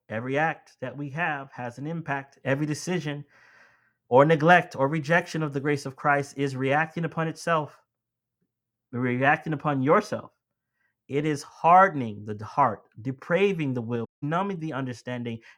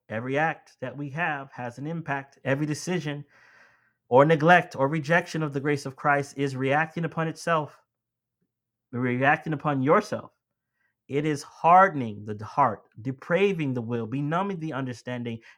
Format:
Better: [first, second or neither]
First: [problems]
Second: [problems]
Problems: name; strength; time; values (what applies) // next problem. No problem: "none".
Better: second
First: audio cutting out; at 14 s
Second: none